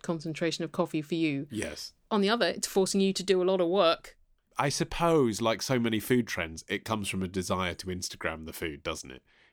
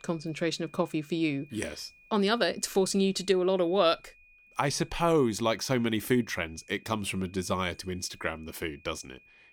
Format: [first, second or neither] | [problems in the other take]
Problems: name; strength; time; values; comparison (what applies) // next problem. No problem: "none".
first | high-pitched whine; faint; throughout; 2.5 kHz, 25 dB below the speech